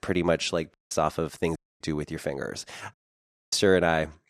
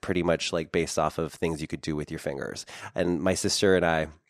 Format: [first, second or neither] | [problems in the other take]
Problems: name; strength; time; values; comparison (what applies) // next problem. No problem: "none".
second | audio cutting out; at 0.5 s, at 1.5 s and at 3 s for 0.5 s